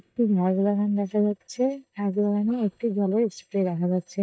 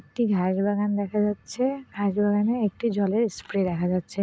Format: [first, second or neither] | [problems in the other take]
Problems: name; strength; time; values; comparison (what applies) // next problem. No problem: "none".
second | noise reduction (neural mask model DeepFilterNet 3)